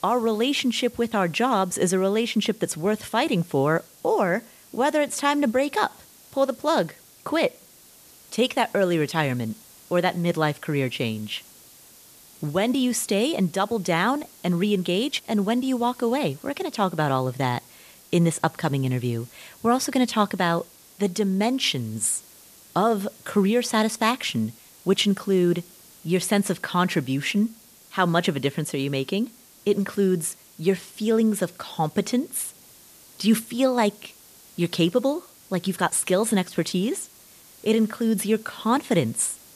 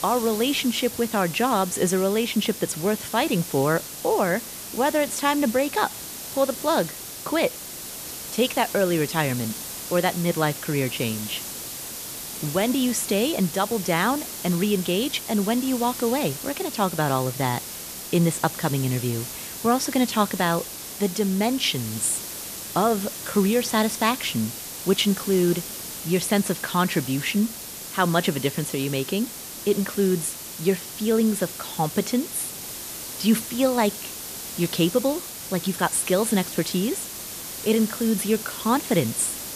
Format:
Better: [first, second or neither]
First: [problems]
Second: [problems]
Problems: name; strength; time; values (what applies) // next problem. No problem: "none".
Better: first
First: hiss; faint; throughout; 25 dB below the speech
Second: hiss; loud; throughout; 8 dB below the speech